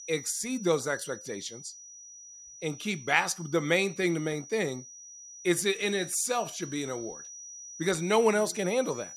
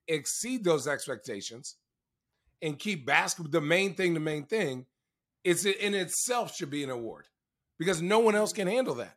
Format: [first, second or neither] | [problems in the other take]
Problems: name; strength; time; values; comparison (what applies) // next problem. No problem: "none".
second | high-pitched whine; noticeable; throughout; 6 kHz, 15 dB below the speech